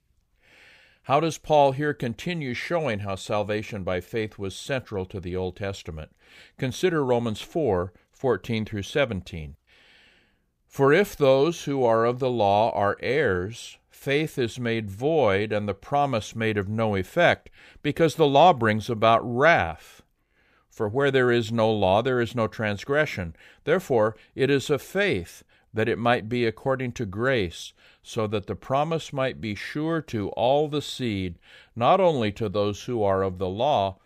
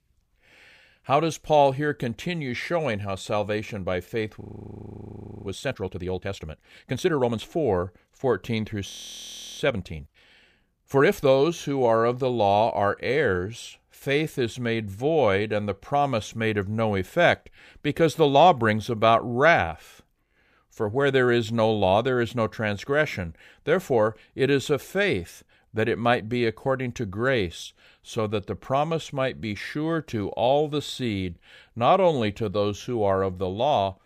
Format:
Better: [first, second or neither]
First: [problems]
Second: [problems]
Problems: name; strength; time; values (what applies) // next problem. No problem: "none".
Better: first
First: none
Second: audio freezing; at 4.5 s for 1 s and at 9 s for 0.5 s